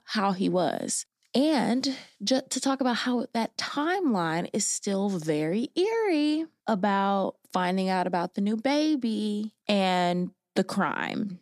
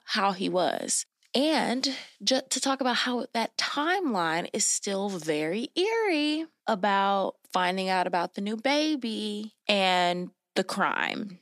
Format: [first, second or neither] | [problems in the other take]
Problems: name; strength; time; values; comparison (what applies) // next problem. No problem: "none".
first | thin; very slightly; fading below 900 Hz